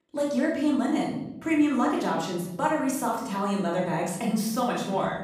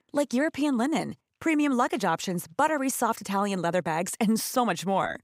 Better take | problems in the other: second | off-mic speech; far // room echo; noticeable; dies away in 1.5 s

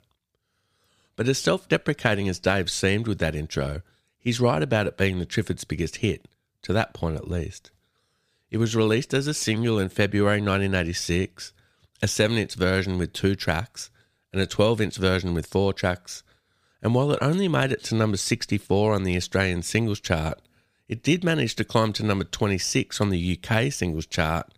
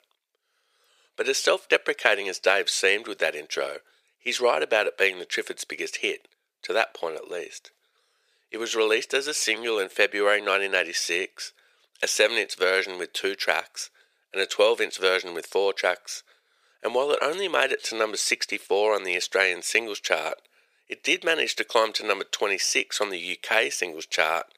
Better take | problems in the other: first | thin; very; fading below 450 Hz

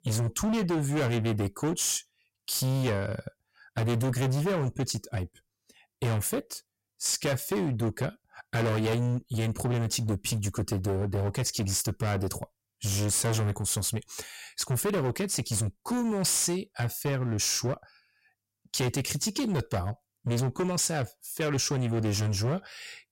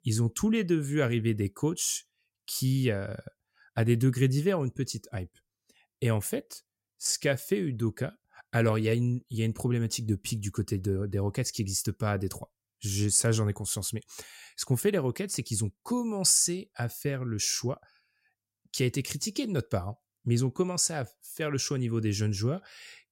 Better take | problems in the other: second | distortion; heavy; 21% of the sound clipped

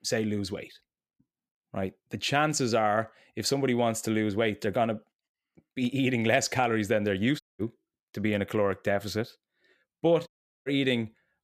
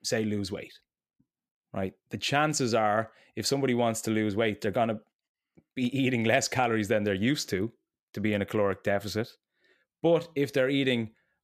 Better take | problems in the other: second | audio cutting out; at 7.5 s and at 10 s

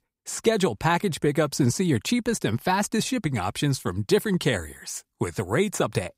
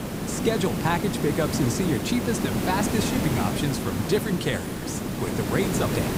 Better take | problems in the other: first | hiss; loud; throughout; 1 dB below the speech

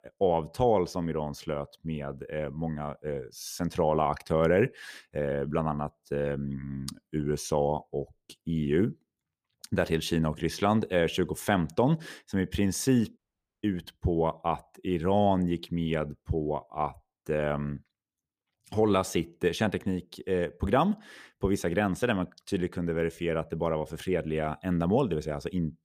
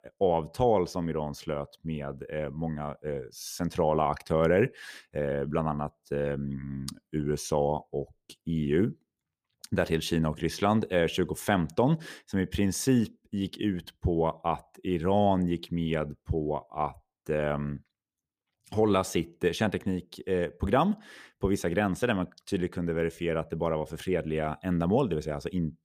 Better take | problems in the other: second | audio cutting out; at 13 s

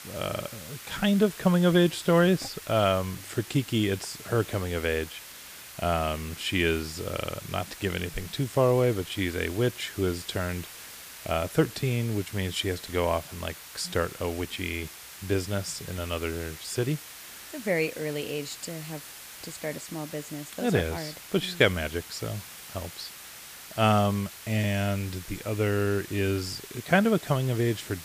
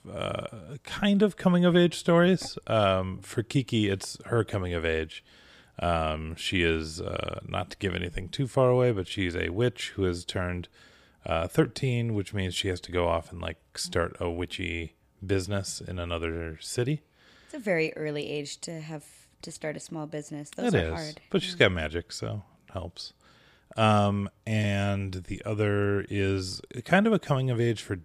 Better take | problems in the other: second | hiss; noticeable; throughout; 15 dB below the speech

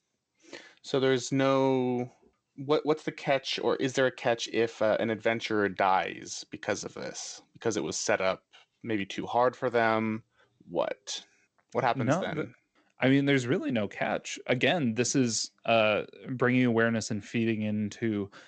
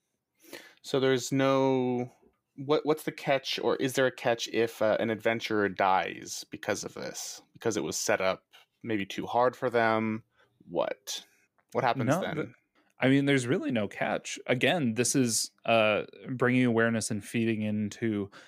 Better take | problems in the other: second | garbled, watery; slightly; nothing above 7.5 kHz

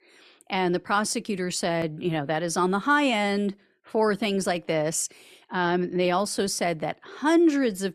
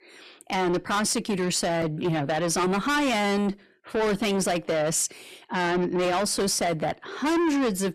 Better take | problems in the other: first | distortion; heavy; 6 dB below the speech

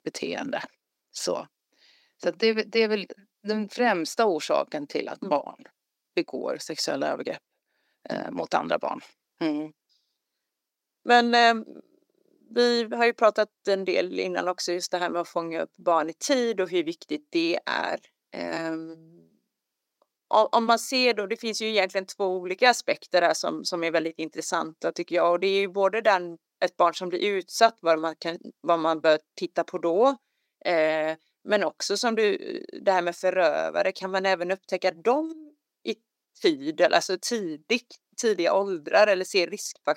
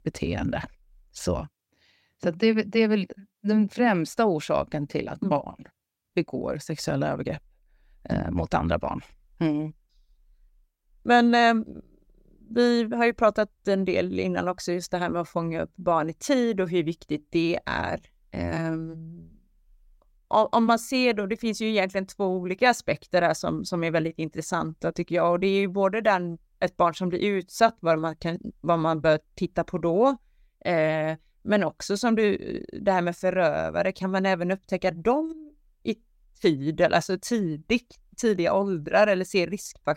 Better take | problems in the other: second | thin; somewhat; fading below 300 Hz

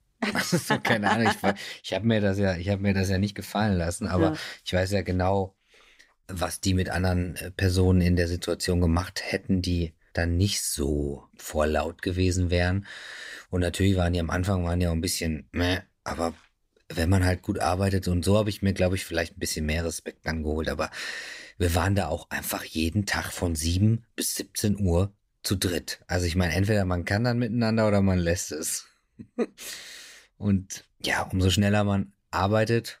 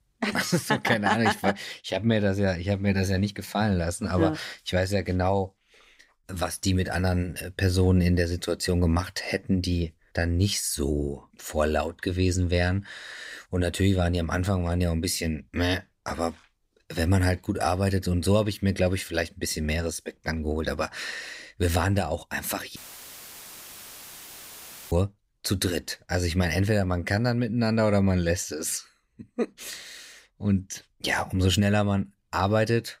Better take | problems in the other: first | audio cutting out; filled with static; at 23 s for 2 s

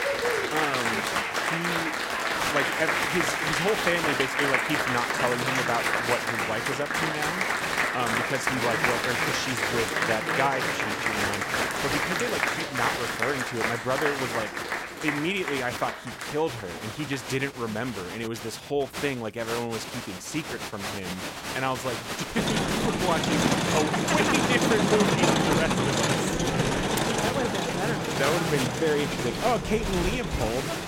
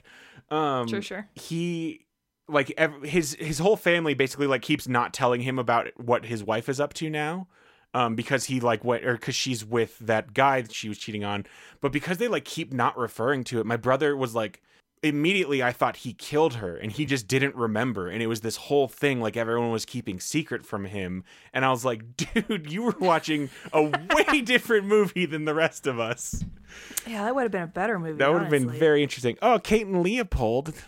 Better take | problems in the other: second | crowd noise; very loud; throughout; 4 dB above the speech

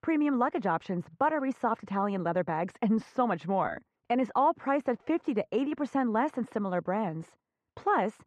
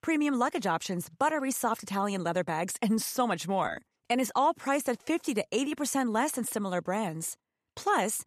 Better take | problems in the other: second | muffled; very; fading above 1.5 kHz

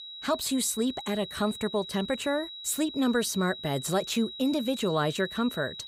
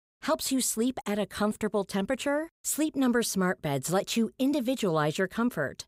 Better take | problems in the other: second | high-pitched whine; noticeable; throughout; 4 kHz, 10 dB below the speech

